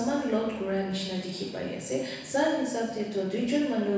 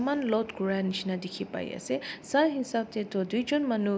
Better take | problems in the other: second | room echo; dies away in 1.1 s

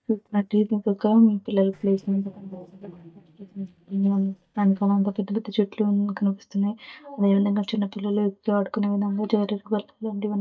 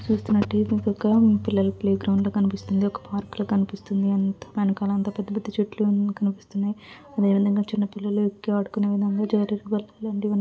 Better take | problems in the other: second | noise reduction (neural mask model DeepFilterNet 3)

